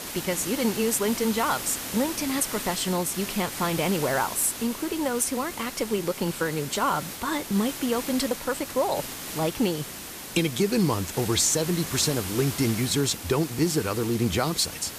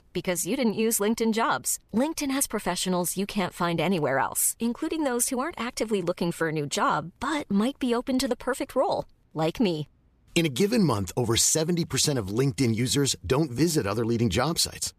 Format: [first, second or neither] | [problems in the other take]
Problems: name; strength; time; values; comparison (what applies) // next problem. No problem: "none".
second | hiss; loud; throughout; 8 dB below the speech